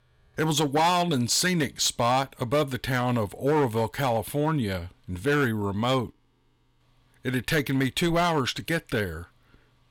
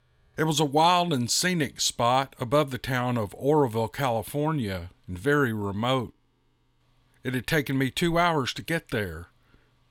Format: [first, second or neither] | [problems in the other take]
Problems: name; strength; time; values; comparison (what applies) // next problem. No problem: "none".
second | distortion; slight; 6% of the sound clipped